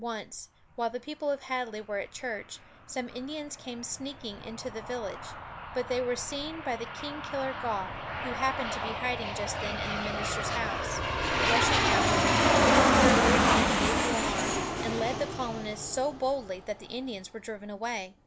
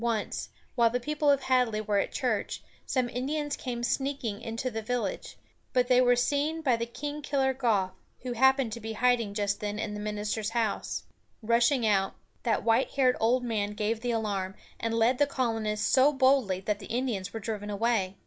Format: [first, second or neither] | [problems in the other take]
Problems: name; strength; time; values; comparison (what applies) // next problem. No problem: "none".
second | background sound (Aircraft); 4 dB above the speech